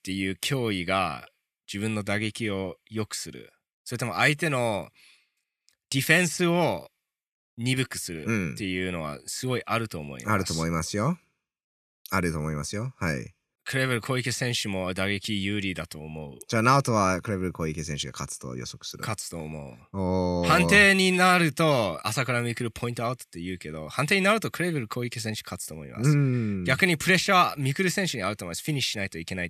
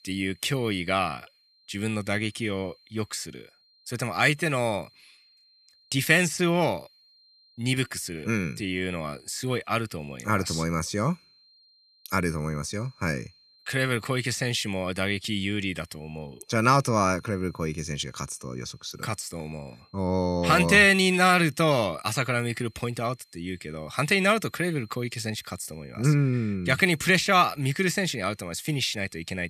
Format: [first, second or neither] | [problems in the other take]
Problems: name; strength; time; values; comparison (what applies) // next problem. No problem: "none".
first | high-pitched whine; faint; throughout; 4 kHz, 35 dB below the speech